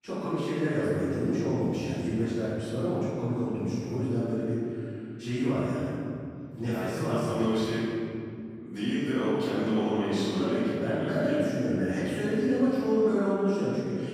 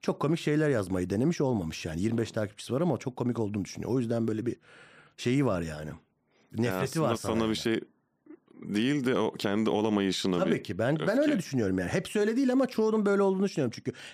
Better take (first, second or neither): second